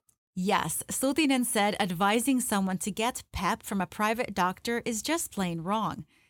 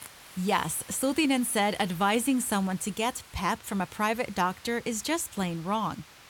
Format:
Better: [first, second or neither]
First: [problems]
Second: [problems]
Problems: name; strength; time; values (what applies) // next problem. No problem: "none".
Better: first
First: none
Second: hiss; noticeable; throughout; 20 dB below the speech